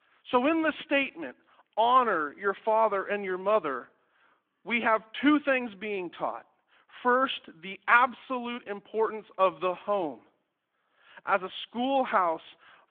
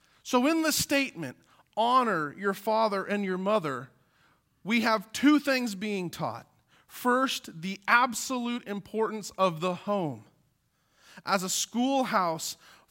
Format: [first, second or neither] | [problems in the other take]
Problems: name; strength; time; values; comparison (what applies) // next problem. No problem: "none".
second | phone-call audio; nothing above 3.5 kHz